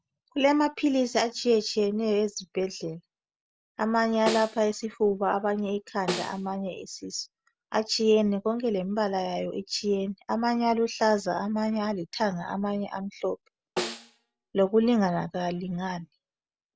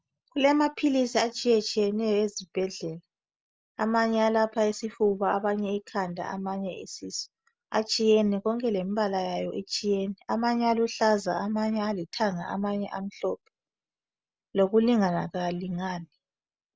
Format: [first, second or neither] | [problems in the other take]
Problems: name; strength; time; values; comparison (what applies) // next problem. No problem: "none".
second | background sound (Snare drum); 10 dB below the speech